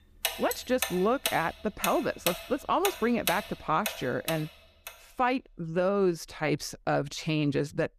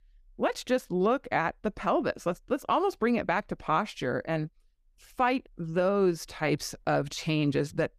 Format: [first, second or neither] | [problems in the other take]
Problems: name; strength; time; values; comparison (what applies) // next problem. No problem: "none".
second | household noises; loud; throughout; 5 dB below the speech